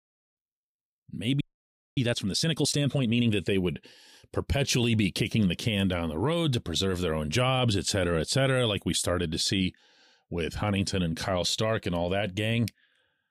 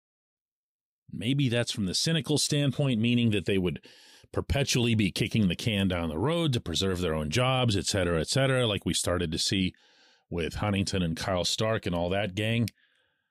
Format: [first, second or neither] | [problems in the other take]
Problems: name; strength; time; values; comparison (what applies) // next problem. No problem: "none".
second | audio freezing; at 1.5 s for 0.5 s